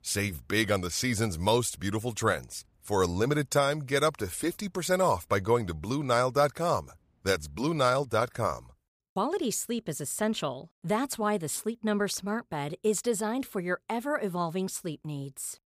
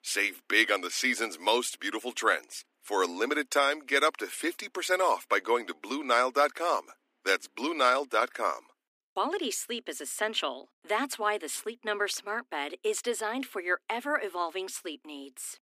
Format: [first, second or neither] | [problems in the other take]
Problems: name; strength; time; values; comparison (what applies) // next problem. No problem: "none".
first | thin; somewhat; fading below 250 Hz